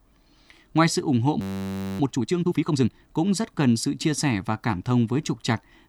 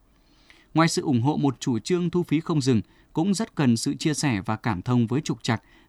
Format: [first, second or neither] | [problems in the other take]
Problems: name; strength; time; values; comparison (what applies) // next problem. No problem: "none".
second | audio freezing; at 1.5 s for 0.5 s